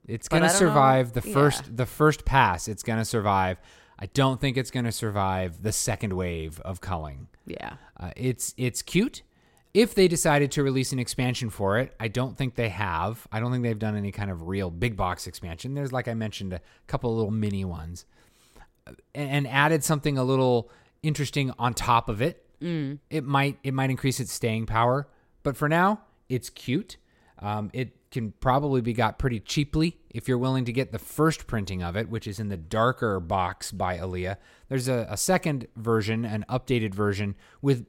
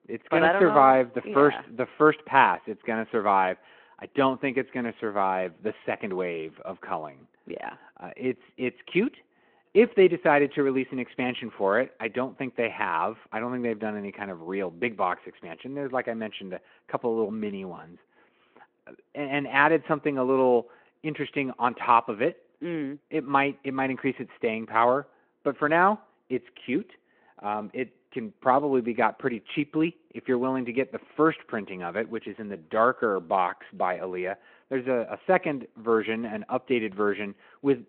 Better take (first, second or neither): first